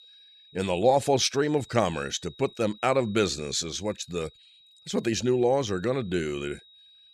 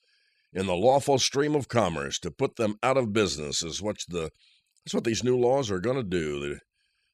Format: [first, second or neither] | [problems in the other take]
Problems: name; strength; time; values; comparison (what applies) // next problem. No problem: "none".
second | high-pitched whine; faint; throughout; 4 kHz, 25 dB below the speech